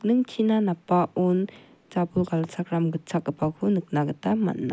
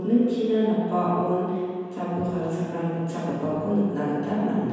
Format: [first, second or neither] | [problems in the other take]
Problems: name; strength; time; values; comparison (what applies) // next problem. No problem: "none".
first | room echo; dies away in 1.9 s